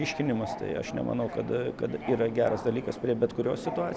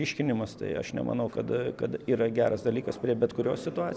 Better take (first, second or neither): second